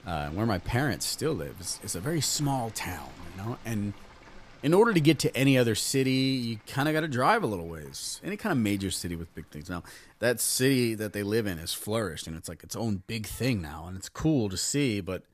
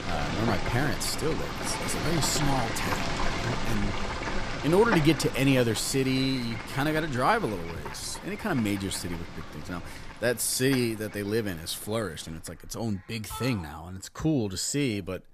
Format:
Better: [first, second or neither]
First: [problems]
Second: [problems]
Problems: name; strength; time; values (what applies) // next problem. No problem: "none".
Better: first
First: animal sounds; faint; throughout; 25 dB below the speech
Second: animal sounds; loud; throughout; 6 dB below the speech